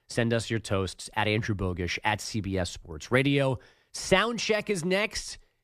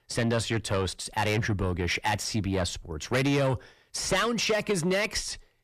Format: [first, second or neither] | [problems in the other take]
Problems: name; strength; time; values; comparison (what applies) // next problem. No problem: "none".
first | distortion; heavy; 7 dB below the speech